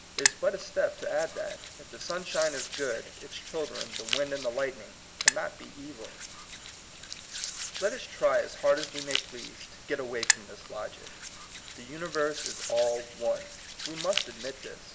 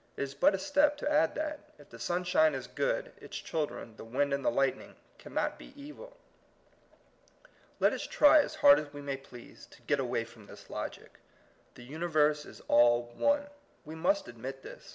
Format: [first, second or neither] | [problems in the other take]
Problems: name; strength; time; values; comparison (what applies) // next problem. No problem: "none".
second | background sound (Hands); 2 dB below the speech